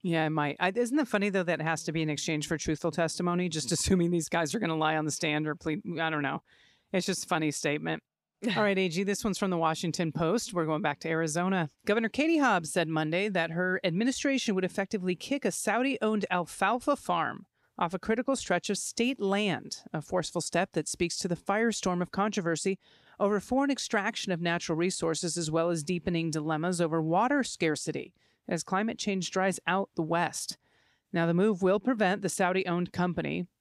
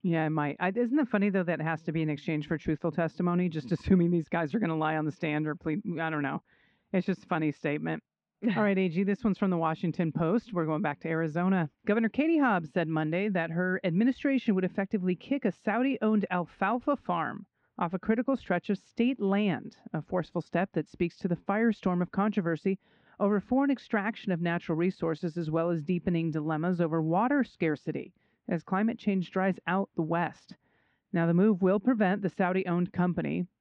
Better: first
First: none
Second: muffled; very; fading above 2.5 kHz

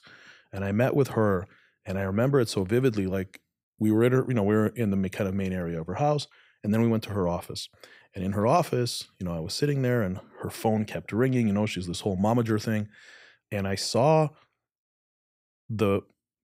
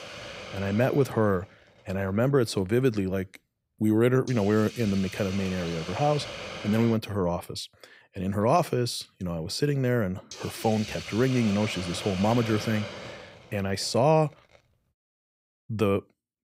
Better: first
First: none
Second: hiss; noticeable; until 7 s and from 10 to 15 s; 10 dB below the speech

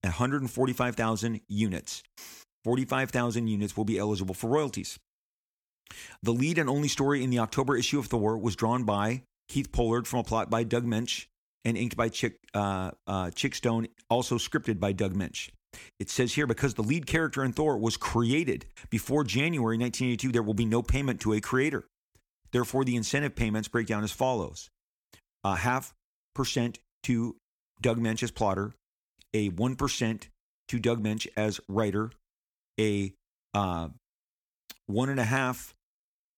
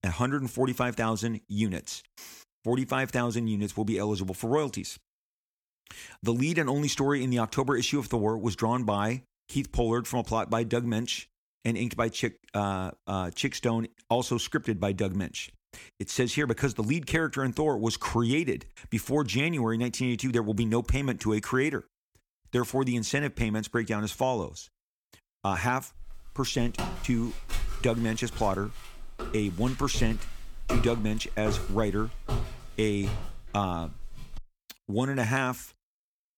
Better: first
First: none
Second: footsteps; noticeable; from 26 to 34 s; peak 3 dB below the speech

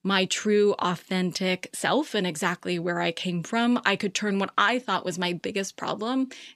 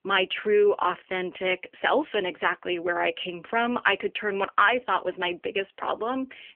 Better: first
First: none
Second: phone-call audio; nothing above 3 kHz

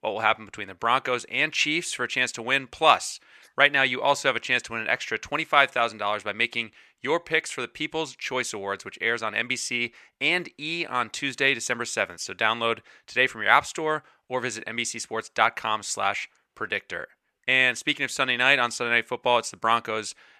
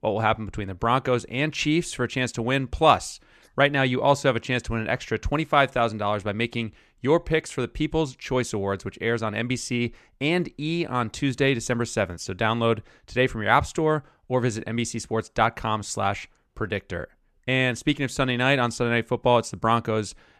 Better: second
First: thin; somewhat; fading below 1 kHz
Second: none

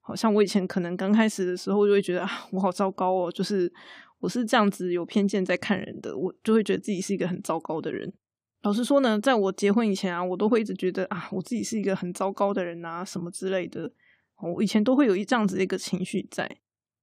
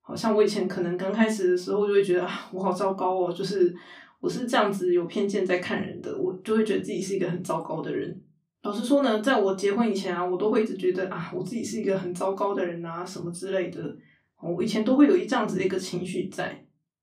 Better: first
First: none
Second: off-mic speech; far // room echo; very slight; dies away in 0.2 s

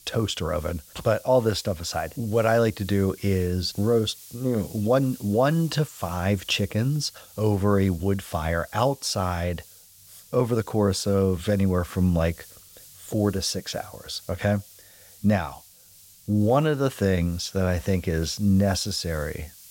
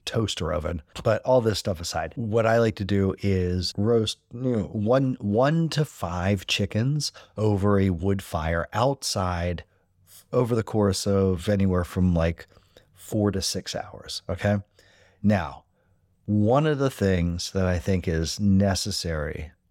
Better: second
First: hiss; faint; throughout; 20 dB below the speech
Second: none

